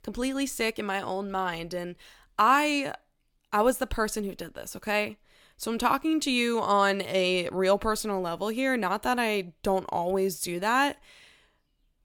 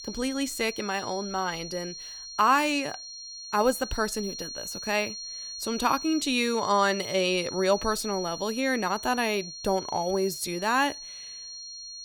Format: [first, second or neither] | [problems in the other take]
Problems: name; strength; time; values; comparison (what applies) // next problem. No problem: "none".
first | high-pitched whine; loud; throughout; 4.5 kHz, 9 dB below the speech